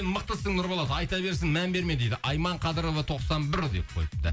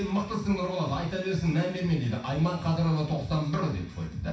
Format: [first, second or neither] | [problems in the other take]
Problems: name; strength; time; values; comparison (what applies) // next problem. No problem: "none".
first | room echo; dies away in 0.6 s